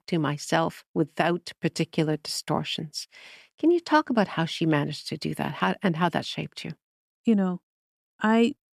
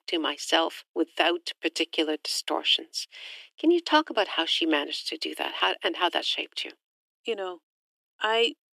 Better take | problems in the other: first | thin; very; fading below 300 Hz

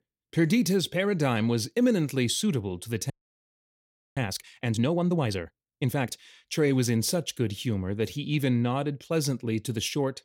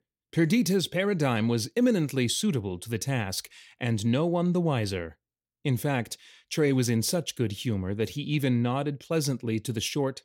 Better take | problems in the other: second | audio freezing; at 3 s for 1 s

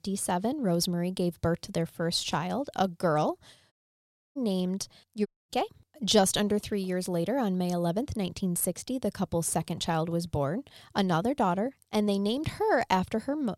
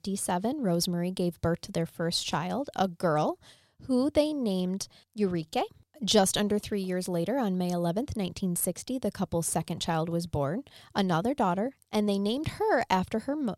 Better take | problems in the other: second | audio cutting out; at 3.5 s for 0.5 s and at 5.5 s

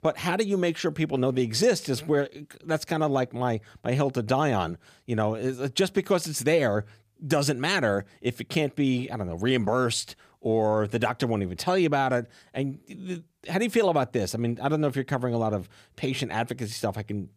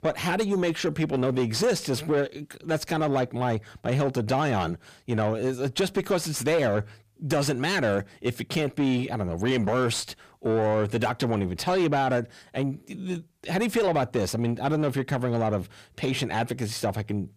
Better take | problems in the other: first | distortion; slight; 10 dB below the speech

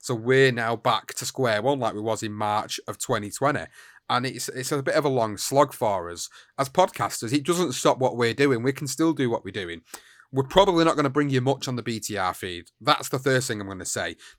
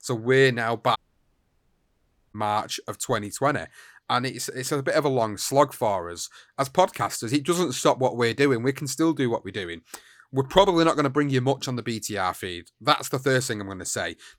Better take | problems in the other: first | audio cutting out; at 1 s for 1.5 s

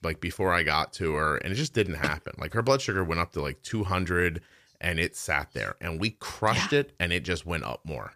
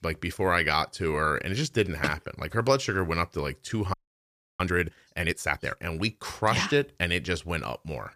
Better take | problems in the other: first | audio freezing; at 4 s for 0.5 s

